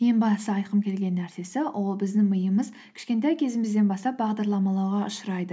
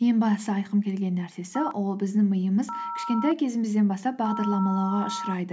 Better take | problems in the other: first | background sound (Telephone); 10 dB below the speech

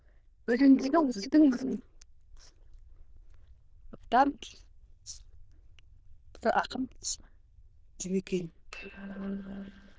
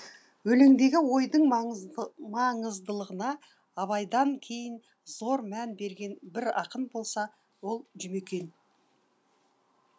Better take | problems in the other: second | noise reduction (neural diffusion model UNIVERSE++)

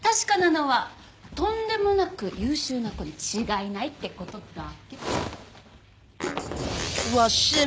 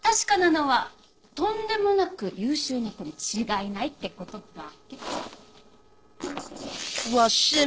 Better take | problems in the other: first | noise reduction (neural separator model SepFormer DNS4)

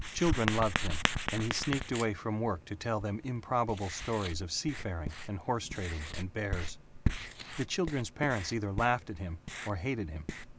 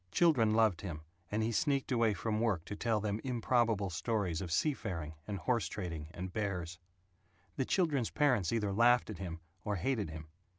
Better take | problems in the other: second | background sound (Writing); 4 dB below the speech

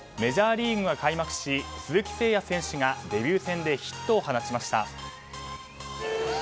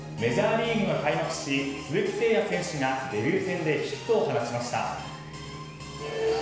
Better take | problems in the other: first | background sound (Bowed string instrument); 16 dB below the speech // room echo; dies away in 1 s

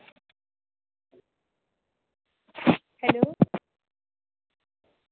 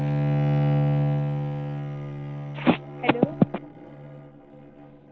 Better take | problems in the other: first | background sound (Bowed string instrument); 3 dB above the speech

